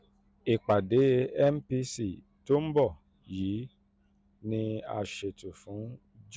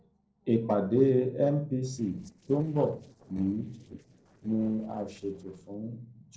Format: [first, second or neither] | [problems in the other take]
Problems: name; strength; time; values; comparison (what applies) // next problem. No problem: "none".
first | noise reduction (neural separator model SepFormer DNS4)